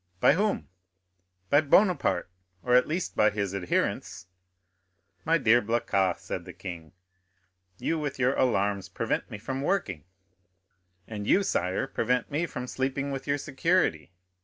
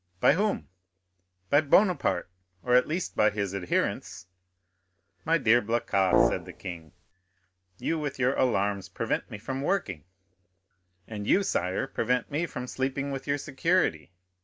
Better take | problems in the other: first | background sound (Brass instrument); 1 dB above the speech

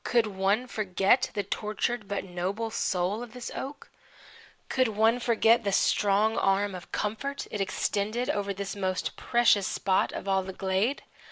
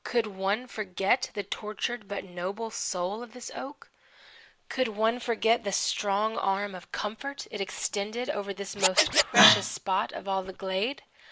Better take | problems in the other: first | background sound (Scratching (performance technique)); 3 dB above the speech

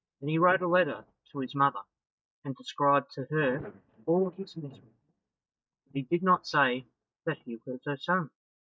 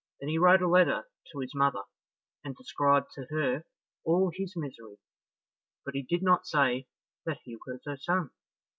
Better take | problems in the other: second | noise reduction (neural mask model DeepFilterNet 3)

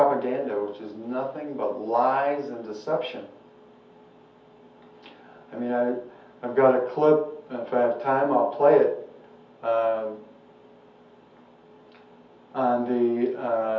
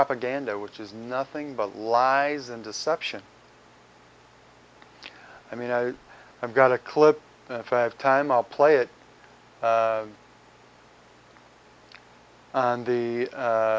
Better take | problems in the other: second | room echo; dies away in 0.5 s

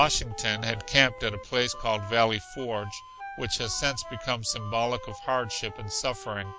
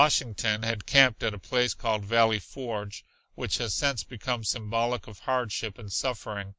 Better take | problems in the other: second | background sound (Doorbell + Wind instrument, woodwind instrument); 14 dB below the speech

